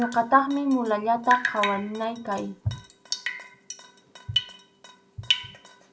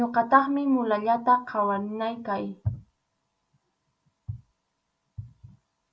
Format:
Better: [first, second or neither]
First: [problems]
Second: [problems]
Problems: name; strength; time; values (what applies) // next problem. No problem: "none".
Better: second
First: background sound (Drip); 7 dB below the speech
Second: none